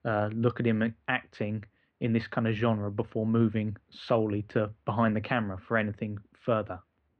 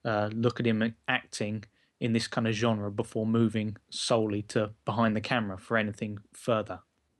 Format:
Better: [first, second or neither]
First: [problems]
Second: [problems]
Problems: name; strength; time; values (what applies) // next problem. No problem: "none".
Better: second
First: muffled; very; fading above 2.5 kHz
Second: none